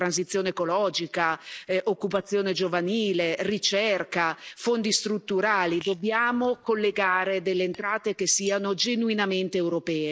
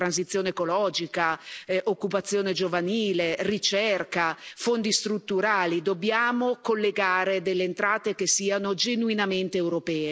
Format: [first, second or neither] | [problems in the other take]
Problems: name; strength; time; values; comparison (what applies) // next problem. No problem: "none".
second | noise reduction (neural mask model DeepFilterNet 3)